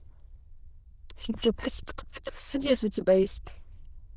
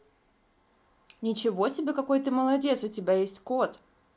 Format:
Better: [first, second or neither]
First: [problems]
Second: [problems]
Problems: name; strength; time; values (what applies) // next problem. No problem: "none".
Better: second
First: noise reduction (neural diffusion model UNIVERSE++)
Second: none